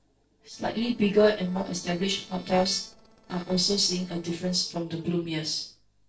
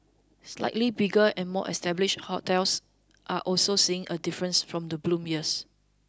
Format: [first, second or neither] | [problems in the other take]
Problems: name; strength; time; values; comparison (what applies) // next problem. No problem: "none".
second | noise reduction (neural separator model SepFormer DNS4)